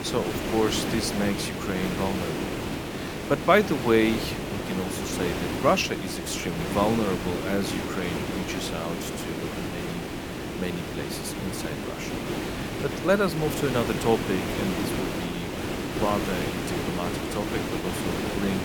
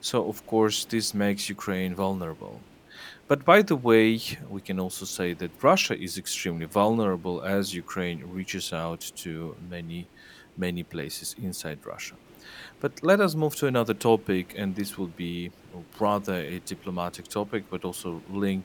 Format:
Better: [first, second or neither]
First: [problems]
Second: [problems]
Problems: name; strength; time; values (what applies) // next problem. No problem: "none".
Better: second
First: hiss; loud; throughout; 2 dB below the speech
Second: hiss; faint; throughout; 25 dB below the speech